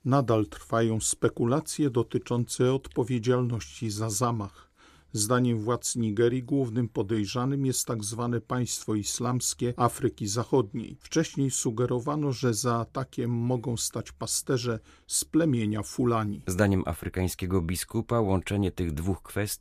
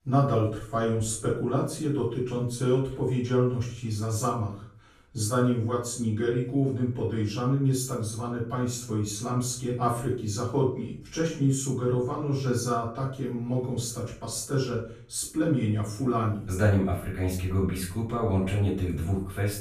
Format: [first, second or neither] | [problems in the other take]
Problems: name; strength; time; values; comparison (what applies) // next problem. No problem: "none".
first | room echo; noticeable; dies away in 0.4 s // off-mic speech; far